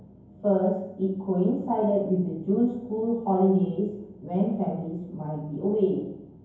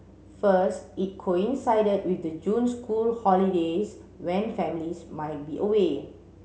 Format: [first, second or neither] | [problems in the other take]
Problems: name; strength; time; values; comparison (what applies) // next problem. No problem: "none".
second | room echo; dies away in 0.9 s